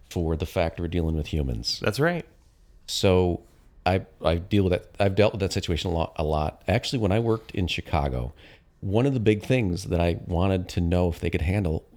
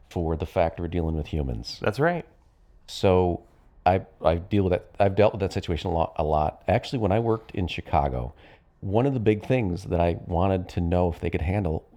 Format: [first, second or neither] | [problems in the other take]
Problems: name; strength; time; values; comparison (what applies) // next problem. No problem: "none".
first | muffled; slightly; fading above 3 kHz